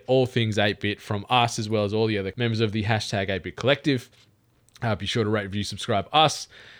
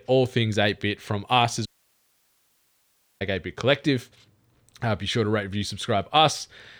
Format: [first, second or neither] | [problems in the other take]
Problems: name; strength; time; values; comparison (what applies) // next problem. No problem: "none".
first | audio cutting out; at 1.5 s for 1.5 s